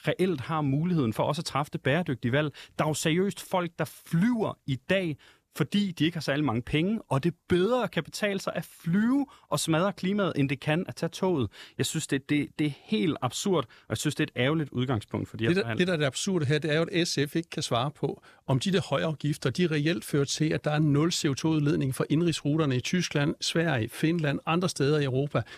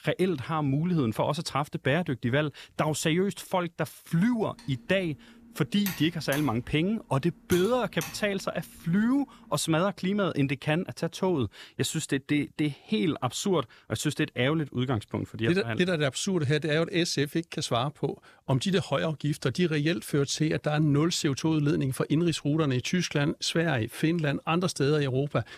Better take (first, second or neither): first